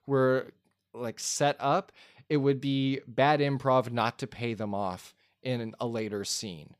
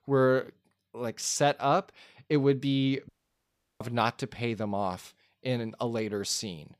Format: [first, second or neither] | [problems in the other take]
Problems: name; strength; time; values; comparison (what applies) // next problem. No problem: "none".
first | audio cutting out; at 3 s for 0.5 s